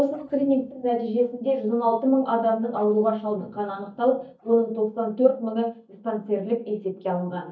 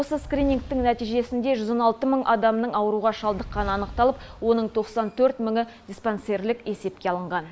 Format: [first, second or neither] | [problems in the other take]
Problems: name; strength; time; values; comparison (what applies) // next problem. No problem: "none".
second | noise reduction (neural mask model DeepFilterNet 3)